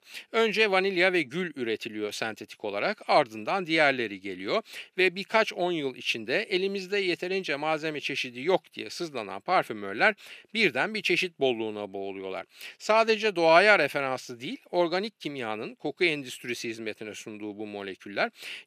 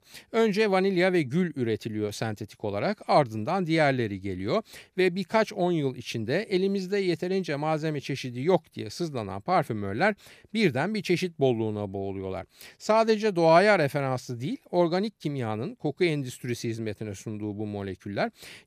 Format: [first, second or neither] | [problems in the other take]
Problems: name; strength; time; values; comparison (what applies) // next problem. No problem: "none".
second | thin; somewhat; fading below 300 Hz